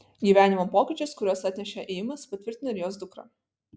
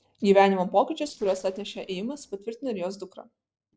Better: first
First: none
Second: noise reduction (neural separator model SepFormer DNS4)

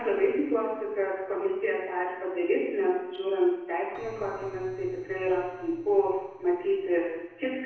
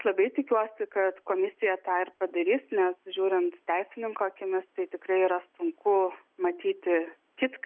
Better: second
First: noise reduction (neural separator model SepFormer DNS4)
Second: none

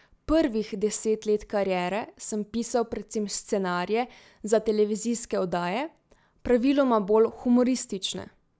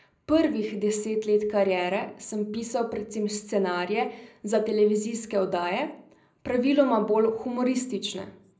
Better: first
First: none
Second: room echo; dies away in 0.5 s

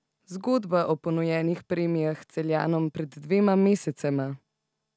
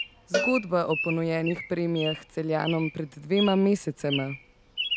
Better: first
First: none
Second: background sound (Bird vocalization, bird call, bird song + Cowbell); 7 dB below the speech

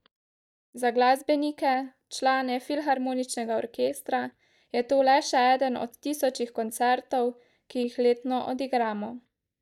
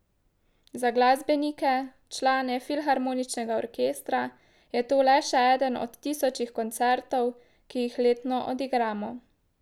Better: second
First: noise reduction (neural mask model DeepFilterNet 3)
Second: none

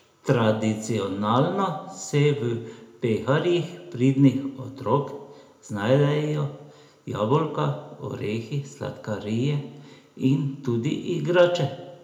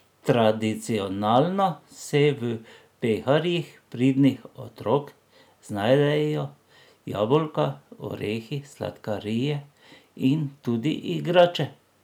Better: second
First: room echo; dies away in 0.6 s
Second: none

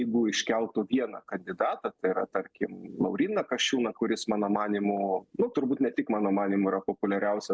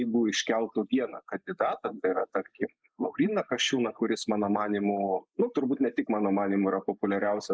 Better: first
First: none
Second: noise reduction (neural mask model Resemble Enhance denoiser)

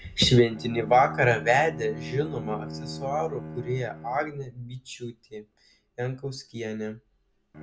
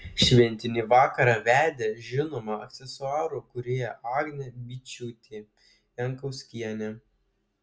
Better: second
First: background sound (Bowed string instrument); 13 dB below the speech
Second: none

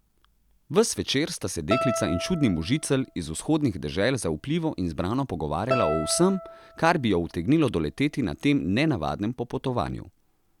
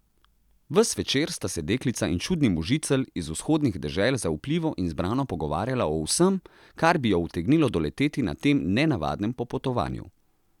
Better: second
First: background sound (Guitar); 9 dB below the speech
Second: none

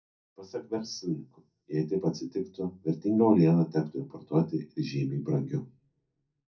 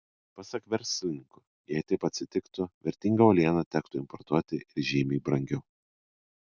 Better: second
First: room echo; dies away in 0.3 s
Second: none

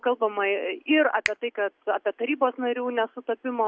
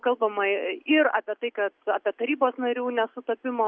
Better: second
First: background sound (Finger snapping); 13 dB below the speech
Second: none

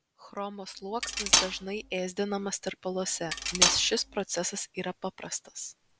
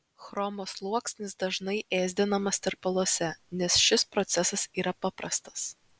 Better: second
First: background sound (Cutlery, silverware); 4 dB above the speech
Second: none

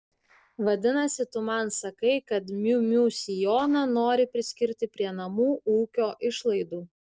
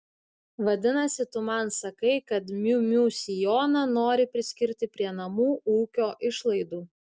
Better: second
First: noise reduction (neural separator model SepFormer DNS4)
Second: none

